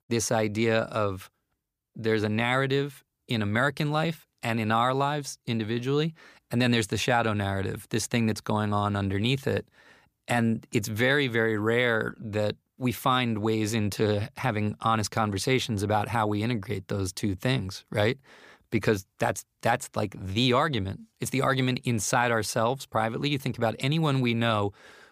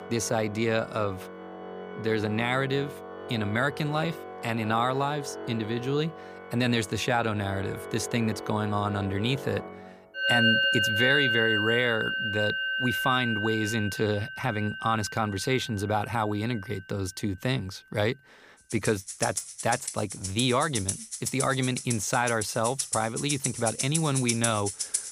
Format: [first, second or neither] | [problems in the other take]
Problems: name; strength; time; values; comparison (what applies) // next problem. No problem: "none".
first | background music; loud; throughout; 2 dB below the speech